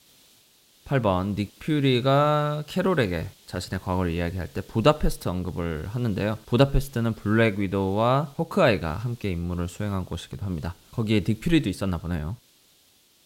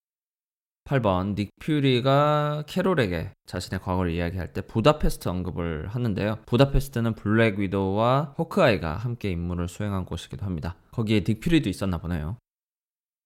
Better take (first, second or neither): second